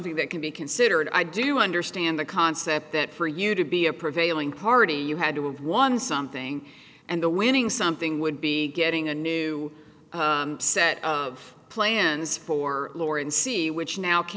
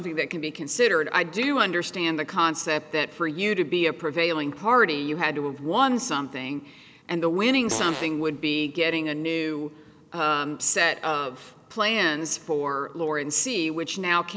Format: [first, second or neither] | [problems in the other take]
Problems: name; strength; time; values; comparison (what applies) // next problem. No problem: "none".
first | background sound (Fart); 11 dB below the speech